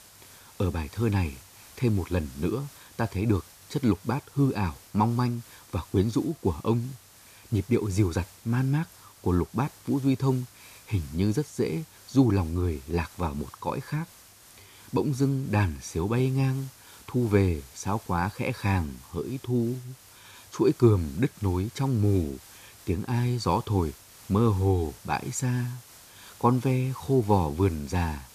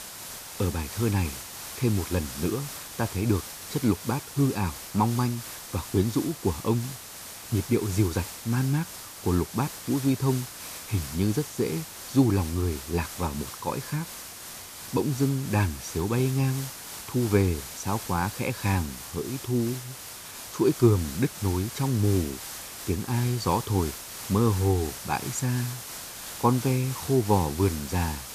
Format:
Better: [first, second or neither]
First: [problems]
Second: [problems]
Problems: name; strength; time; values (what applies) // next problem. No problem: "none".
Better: first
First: hiss; faint; throughout; 20 dB below the speech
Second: hiss; loud; throughout; 10 dB below the speech